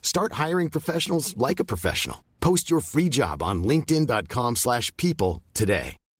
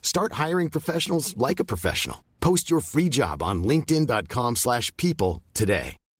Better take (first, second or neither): neither